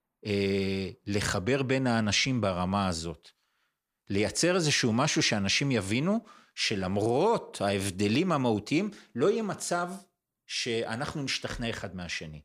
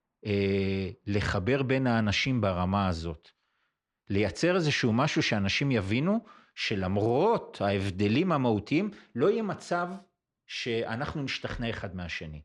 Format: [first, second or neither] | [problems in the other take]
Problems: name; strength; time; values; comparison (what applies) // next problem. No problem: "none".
first | muffled; very slightly; fading above 3.5 kHz